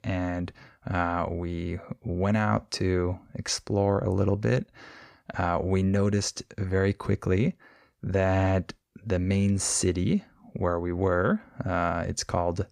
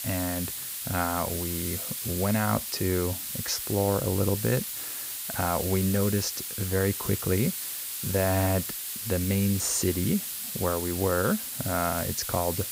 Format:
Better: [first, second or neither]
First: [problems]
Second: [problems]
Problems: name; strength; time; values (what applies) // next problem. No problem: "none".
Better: first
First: none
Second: hiss; loud; throughout; 3 dB below the speech